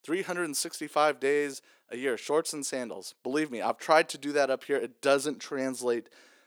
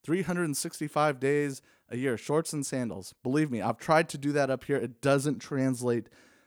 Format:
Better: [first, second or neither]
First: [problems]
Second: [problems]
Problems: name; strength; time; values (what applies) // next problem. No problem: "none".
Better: second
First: thin; somewhat; fading below 400 Hz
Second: none